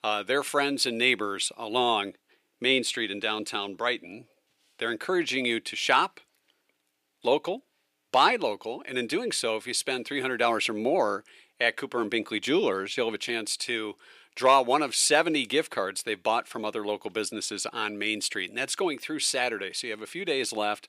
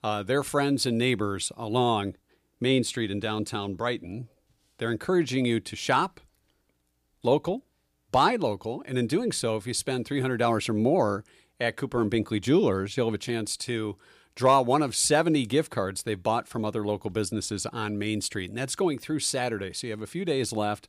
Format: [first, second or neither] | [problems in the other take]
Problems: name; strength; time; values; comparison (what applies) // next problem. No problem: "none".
second | thin; somewhat; fading below 350 Hz